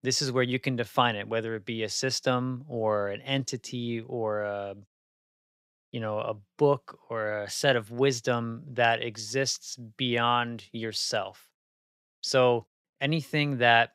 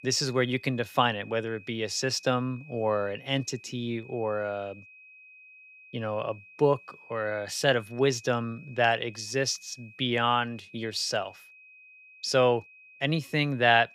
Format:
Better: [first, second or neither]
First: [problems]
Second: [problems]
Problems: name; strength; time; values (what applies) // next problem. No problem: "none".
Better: first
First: none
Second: high-pitched whine; faint; throughout; 2.5 kHz, 20 dB below the speech